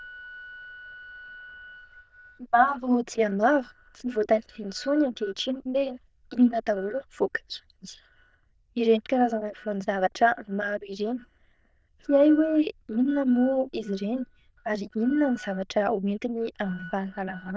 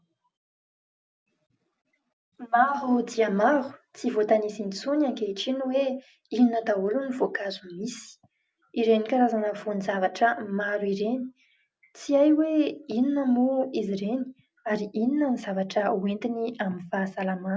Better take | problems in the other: second | noise reduction (neural diffusion model UNIVERSE++)

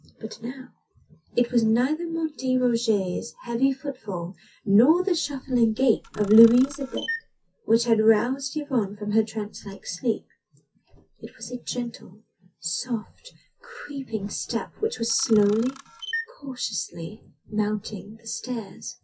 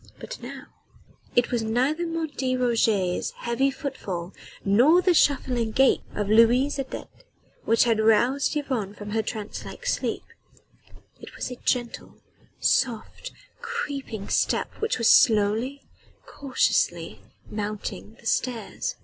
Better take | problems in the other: second | noise reduction (classical method WPE with log-MMSE)

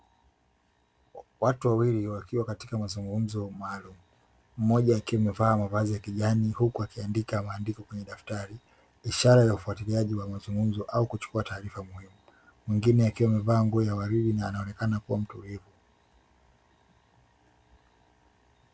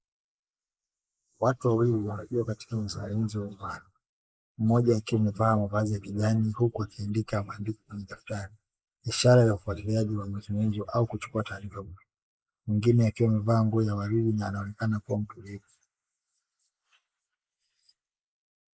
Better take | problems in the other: first | noise reduction (neural mask model Resemble Enhance denoiser)

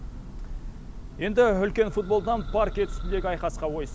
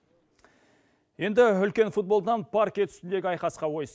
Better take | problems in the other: second | background sound (Church bell); 8 dB below the speech

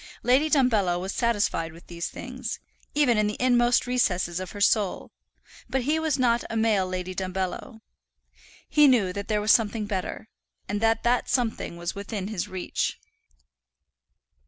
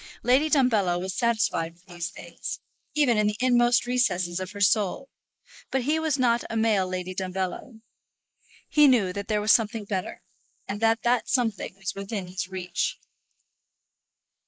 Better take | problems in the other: first | noise reduction (neural mask model Resemble Enhance denoiser)

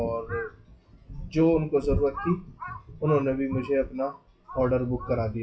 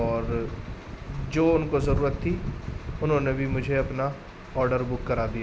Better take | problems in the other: second | noise reduction (classical method WPE with log-MMSE)

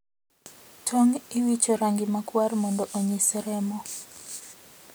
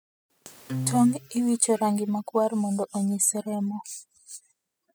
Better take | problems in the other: first | noise reduction (classical method spectral subtraction)

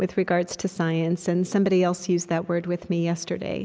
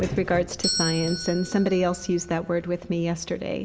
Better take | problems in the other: first | background sound (Doorbell); 8 dB below the speech // room echo; dies away in 0.4 s

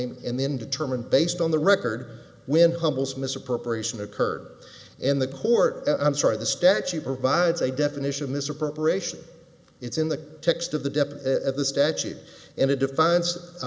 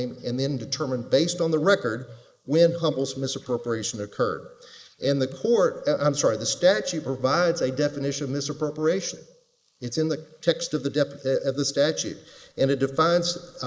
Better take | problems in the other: first | noise reduction (neural mask model Resemble Enhance denoiser)

